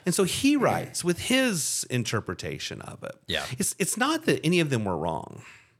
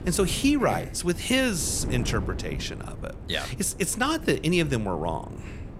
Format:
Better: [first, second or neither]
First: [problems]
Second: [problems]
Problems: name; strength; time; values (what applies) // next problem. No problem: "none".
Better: first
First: none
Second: wind noise on the microphone; occasional gusts; 15 dB below the speech